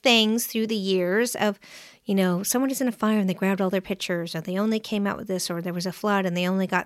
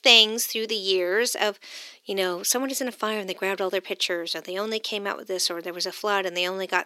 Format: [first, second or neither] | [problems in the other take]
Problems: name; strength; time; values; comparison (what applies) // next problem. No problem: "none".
first | thin; somewhat; fading below 300 Hz